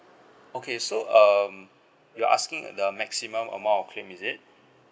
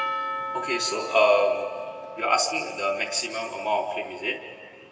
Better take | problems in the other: first | background sound (Percussion); 9 dB below the speech // room echo; dies away in 2 s

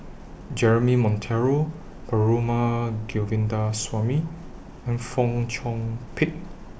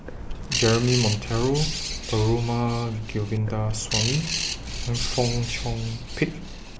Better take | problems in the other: first | background sound (Bird); 5 dB below the speech

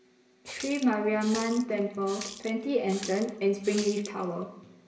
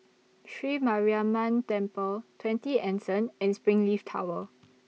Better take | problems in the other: second | background sound (Water tap, faucet); 14 dB below the speech // room echo; dies away in 1.1 s

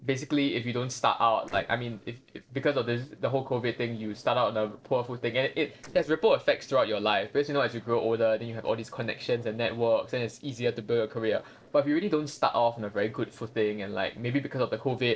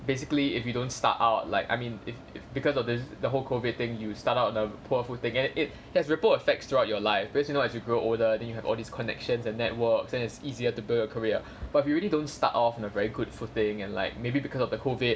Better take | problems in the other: second | noise reduction (neural separator model SepFormer DNS4)

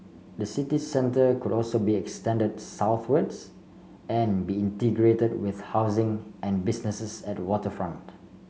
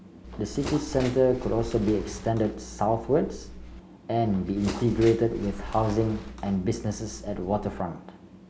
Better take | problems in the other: first | background sound (Bird); 12 dB below the speech

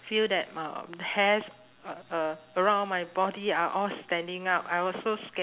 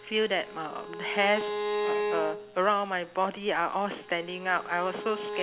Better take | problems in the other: first | background sound (Bowed string instrument); 6 dB below the speech

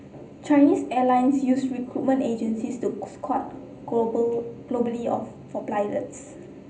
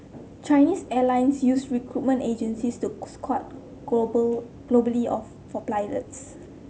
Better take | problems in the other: second | room echo; dies away in 0.5 s

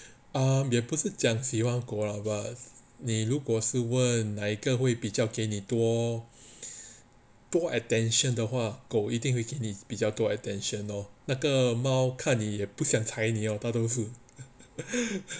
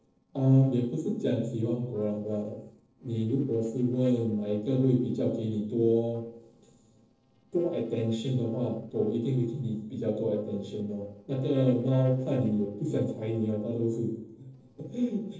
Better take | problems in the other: first | noise reduction (neural separator model SepFormer DNS4)

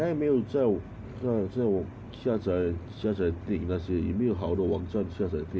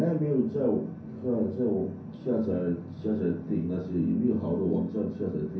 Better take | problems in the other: first | room echo; dies away in 0.6 s

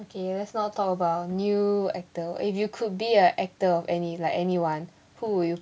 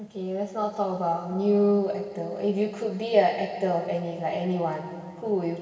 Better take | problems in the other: first | room echo; dies away in 2.2 s

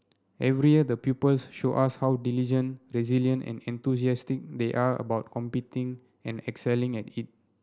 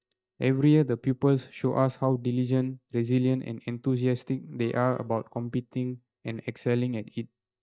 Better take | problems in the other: first | noise reduction (neural mask model DeepFilterNet 3)

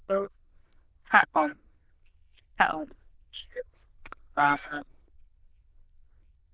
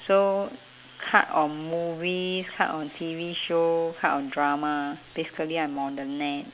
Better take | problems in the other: second | noise reduction (neural diffusion model UNIVERSE++)

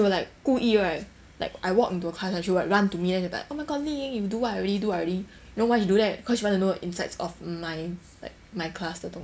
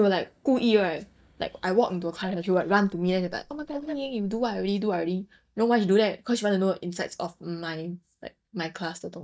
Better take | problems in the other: first | noise reduction (neural mask model DeepFilterNet 3)

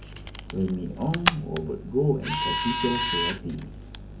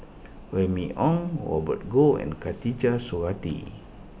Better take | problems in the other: second | background sound (Camera); 2 dB below the speech // room echo; dies away in 0.3 s

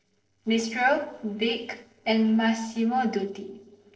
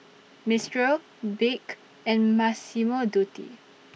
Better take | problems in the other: second | noise reduction (neural separator model SepFormer DNS4)

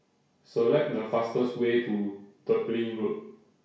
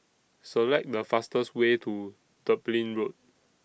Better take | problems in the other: second | room echo; dies away in 0.6 s

